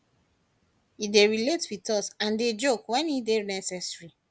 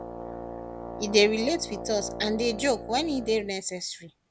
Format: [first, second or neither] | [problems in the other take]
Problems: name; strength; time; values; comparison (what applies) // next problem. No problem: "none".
first | background sound (Brass instrument); 10 dB below the speech